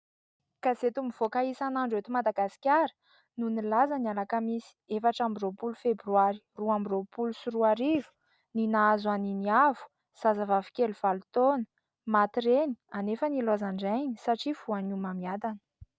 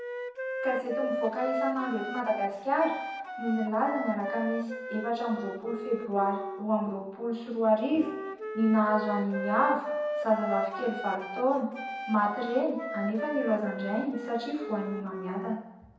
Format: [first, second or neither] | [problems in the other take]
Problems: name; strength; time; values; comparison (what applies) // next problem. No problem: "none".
first | background sound (Wind instrument, woodwind instrument); 6 dB below the speech // room echo; dies away in 0.8 s